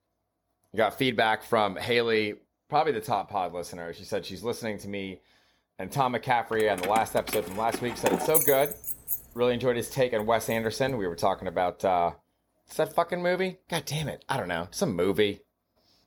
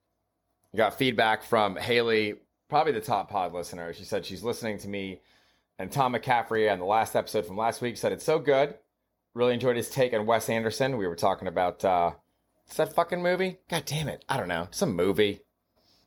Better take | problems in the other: second | jangling keys; loud; from 6.5 to 11 s; peak 5 dB above the speech

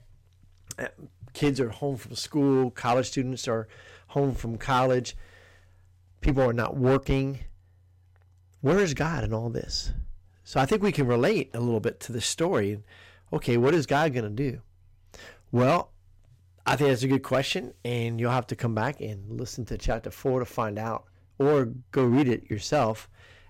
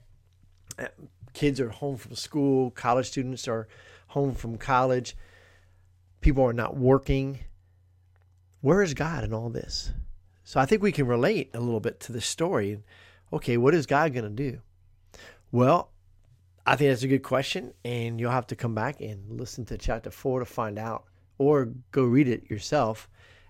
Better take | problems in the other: second | distortion; slight; 5% of the sound clipped

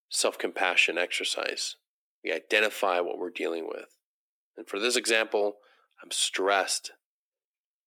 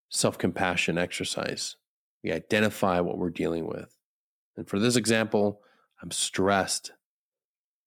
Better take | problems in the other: second | thin; very; fading below 350 Hz

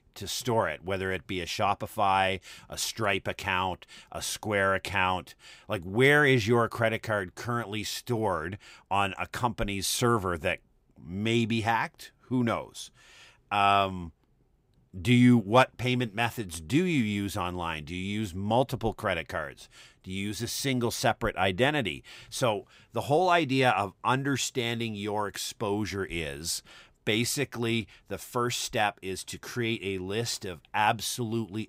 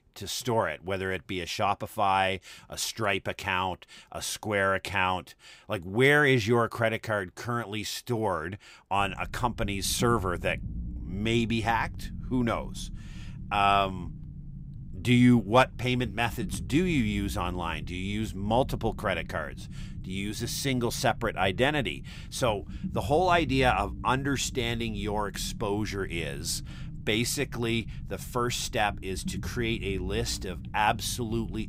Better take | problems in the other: first | low rumble; faint; from 9 s on; 25 dB below the speech

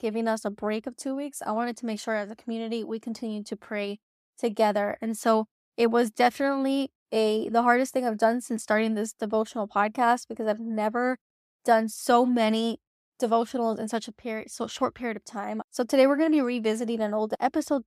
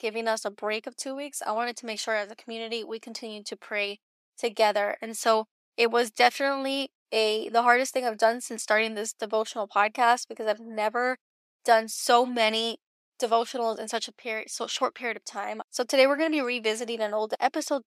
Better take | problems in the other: first | thin; somewhat; fading below 400 Hz

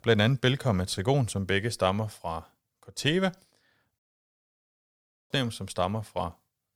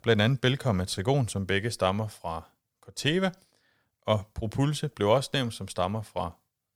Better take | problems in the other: second | audio cutting out; at 4 s for 1.5 s

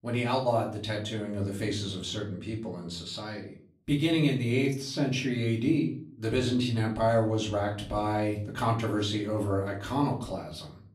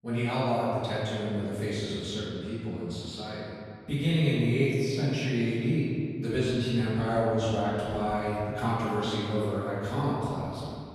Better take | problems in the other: first | room echo; strong; dies away in 2.3 s; slight in the first // off-mic speech; far; far in the first

